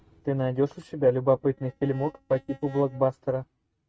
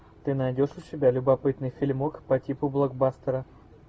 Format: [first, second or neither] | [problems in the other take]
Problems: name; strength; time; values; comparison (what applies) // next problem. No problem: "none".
second | noise reduction (neural mask model RNNoise)